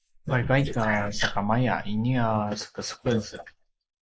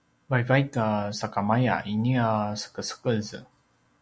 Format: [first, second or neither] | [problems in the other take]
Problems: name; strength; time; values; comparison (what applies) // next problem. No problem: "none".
second | noise reduction (neural mask model Resemble Enhance denoiser)